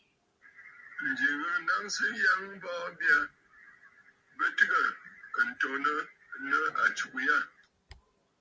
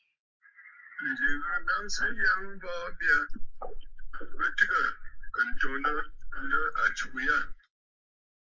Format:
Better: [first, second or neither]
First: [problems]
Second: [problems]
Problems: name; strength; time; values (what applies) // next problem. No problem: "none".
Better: first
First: none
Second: noise reduction (neural mask model Resemble Enhance denoiser)